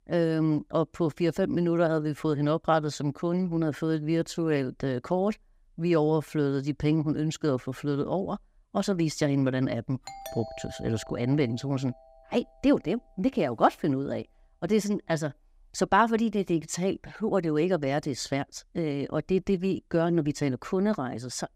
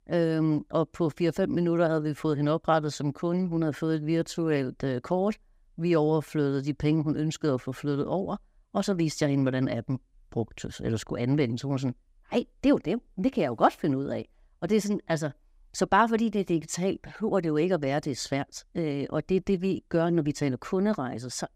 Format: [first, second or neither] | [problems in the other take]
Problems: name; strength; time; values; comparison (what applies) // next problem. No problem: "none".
second | doorbell; faint; from 10 to 12 s; peak 10 dB below the speech